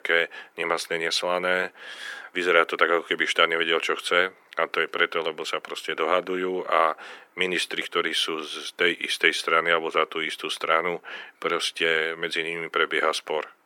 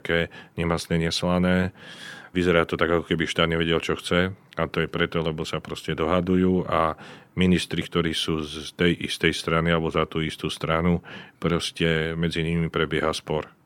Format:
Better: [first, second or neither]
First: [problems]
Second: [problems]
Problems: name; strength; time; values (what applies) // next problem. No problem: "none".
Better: second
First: thin; very; fading below 400 Hz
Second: none